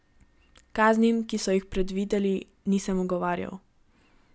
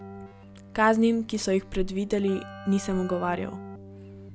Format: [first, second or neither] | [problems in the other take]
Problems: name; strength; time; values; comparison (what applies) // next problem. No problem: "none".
first | background sound (Keyboard (musical)); 16 dB below the speech